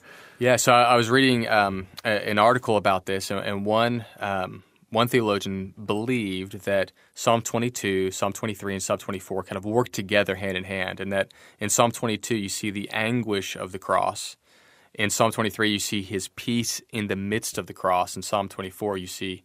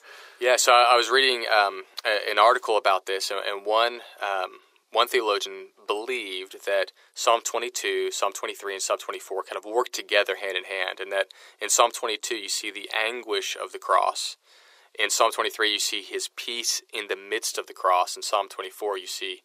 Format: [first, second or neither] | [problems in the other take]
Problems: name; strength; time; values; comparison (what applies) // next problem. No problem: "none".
first | thin; very; fading below 400 Hz